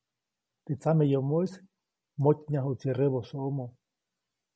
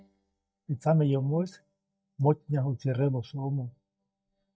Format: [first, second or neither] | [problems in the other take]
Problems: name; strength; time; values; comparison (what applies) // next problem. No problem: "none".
first | noise reduction (neural mask model DeepFilterNet 3)